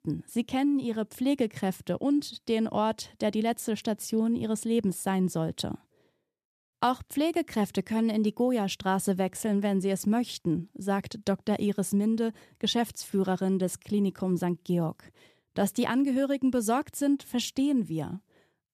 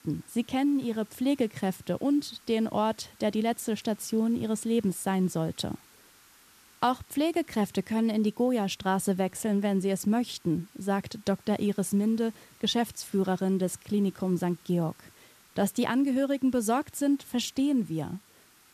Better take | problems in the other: first | hiss; faint; throughout; 25 dB below the speech

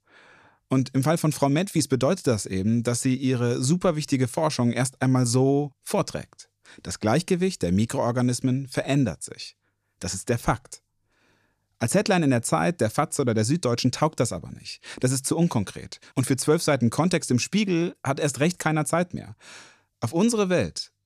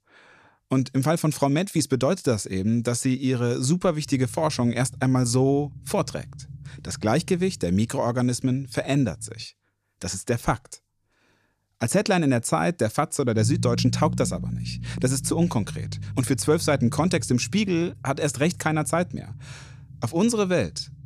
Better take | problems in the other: first | low rumble; noticeable; from 4 to 9.5 s and from 13 s on; 20 dB below the speech

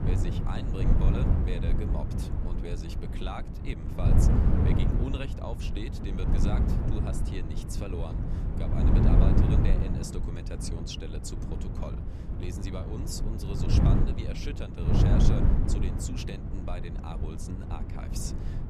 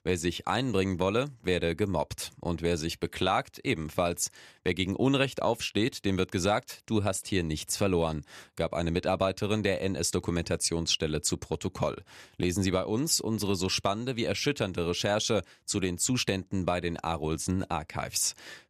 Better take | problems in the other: second | wind noise on the microphone; heavy; 2 dB above the speech

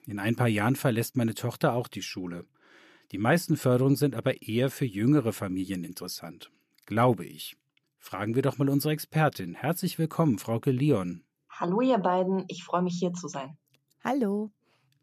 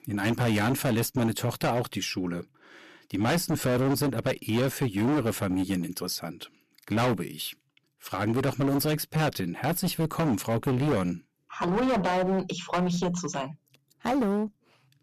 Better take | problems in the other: first | distortion; heavy; 18% of the sound clipped

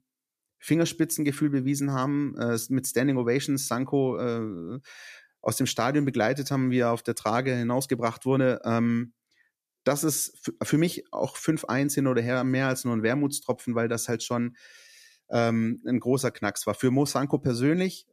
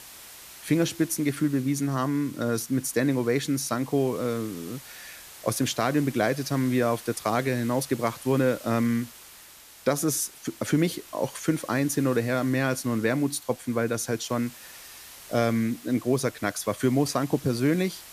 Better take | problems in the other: first | hiss; noticeable; throughout; 20 dB below the speech

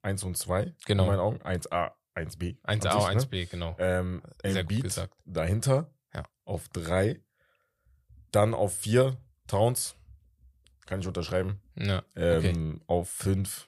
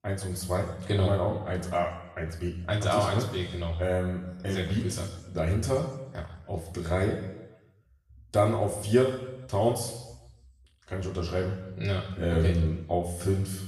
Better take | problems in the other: first | room echo; noticeable; dies away in 0.9 s // off-mic speech; far

